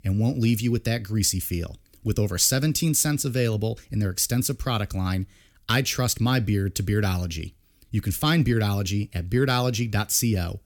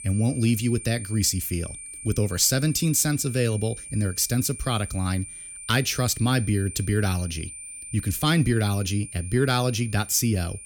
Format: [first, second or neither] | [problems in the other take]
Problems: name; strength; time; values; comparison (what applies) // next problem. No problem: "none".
first | high-pitched whine; noticeable; throughout; 9 kHz, 10 dB below the speech